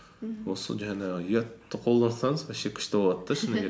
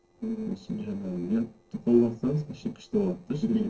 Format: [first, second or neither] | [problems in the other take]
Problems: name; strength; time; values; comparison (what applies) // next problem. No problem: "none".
first | noise reduction (neural separator model SepFormer DNS4)